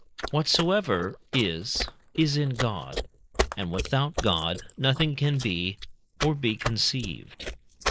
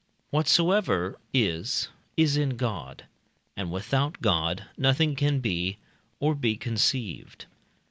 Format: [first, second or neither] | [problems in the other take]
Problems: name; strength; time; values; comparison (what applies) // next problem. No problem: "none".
second | noise reduction (neural mask model Resemble Enhance denoiser)